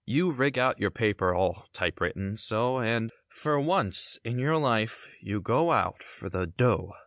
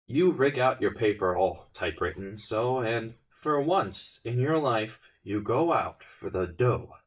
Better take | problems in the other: first | noise reduction (neural mask model DeepFilterNet 3)

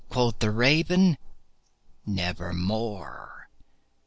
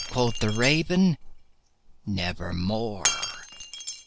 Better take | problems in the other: first | background sound (Shatter); 9 dB below the speech

